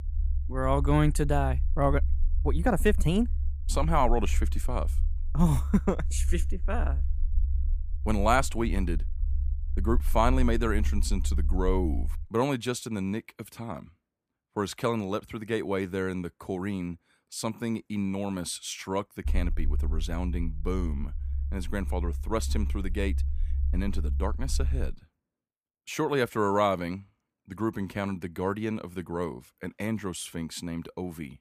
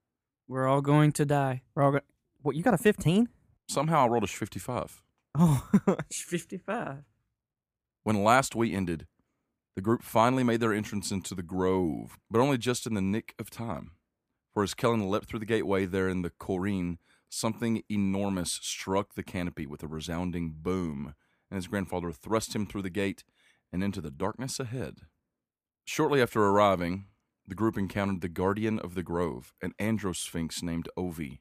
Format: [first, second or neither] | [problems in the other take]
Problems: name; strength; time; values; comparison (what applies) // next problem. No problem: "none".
second | low rumble; faint; until 12 s and from 19 to 25 s; 20 dB below the speech